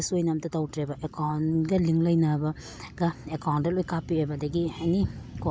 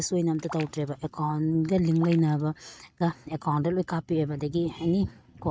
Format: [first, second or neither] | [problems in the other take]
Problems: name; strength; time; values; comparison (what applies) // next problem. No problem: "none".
first | noise reduction (neural mask model RNNoise)